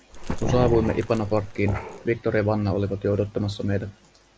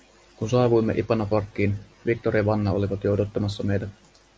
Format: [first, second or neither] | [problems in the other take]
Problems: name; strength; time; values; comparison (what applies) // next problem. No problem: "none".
second | background sound (Growling); 5 dB below the speech